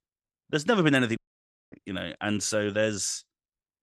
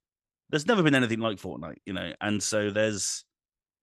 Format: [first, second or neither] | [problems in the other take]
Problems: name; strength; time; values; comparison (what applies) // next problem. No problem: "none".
second | audio cutting out; at 1 s for 0.5 s